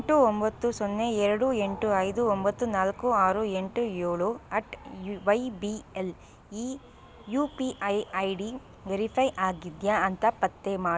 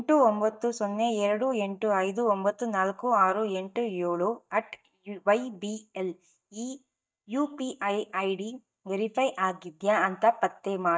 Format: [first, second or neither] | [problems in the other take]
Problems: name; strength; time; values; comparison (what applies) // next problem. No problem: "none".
first | noise reduction (neural mask model DeepFilterNet 3)